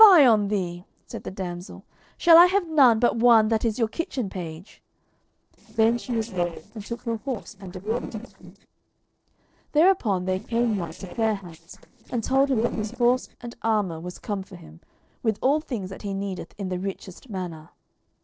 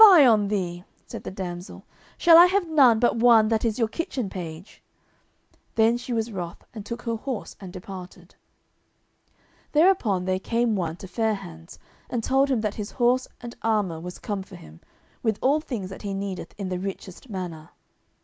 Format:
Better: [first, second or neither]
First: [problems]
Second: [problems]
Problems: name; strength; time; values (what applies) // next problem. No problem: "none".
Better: second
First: noise reduction (neural separator model SepFormer DNS4)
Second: none